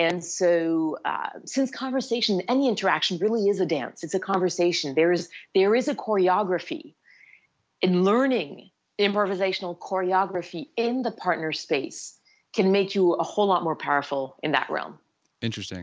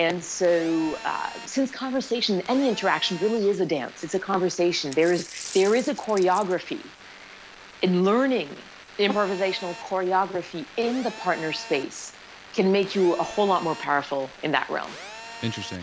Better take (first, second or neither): first